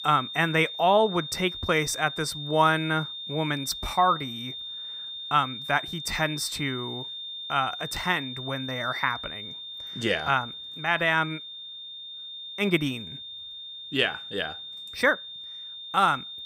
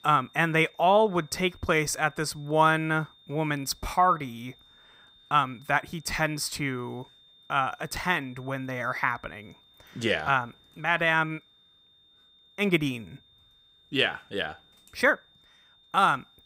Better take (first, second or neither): second